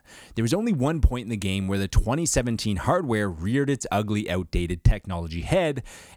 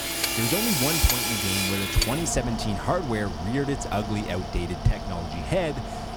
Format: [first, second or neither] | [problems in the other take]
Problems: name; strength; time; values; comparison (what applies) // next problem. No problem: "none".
first | machinery noise; very loud; throughout; 1 dB above the speech